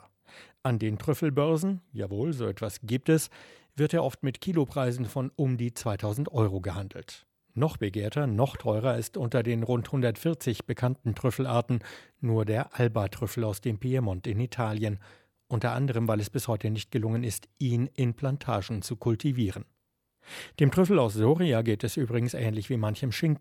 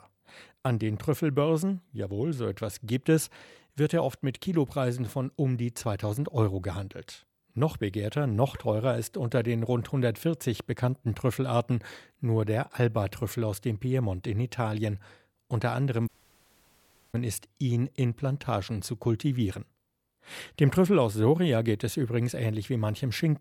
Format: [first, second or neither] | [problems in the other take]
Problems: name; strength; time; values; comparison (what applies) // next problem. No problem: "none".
first | audio cutting out; at 16 s for 1 s